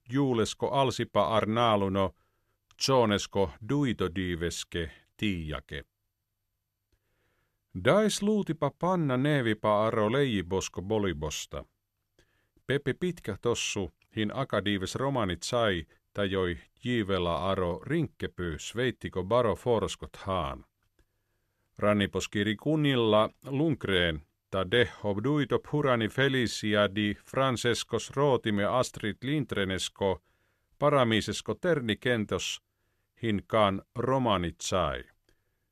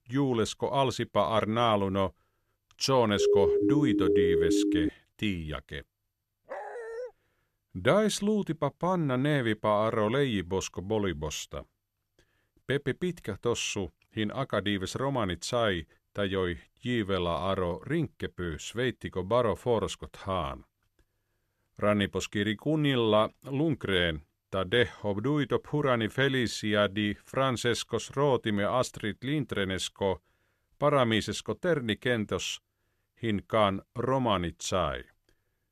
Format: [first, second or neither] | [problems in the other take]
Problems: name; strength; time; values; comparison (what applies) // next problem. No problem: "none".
first | siren; loud; from 3 to 5 s; peak 5 dB above the speech // dog barking; noticeable; at 6.5 s; peak 10 dB below the speech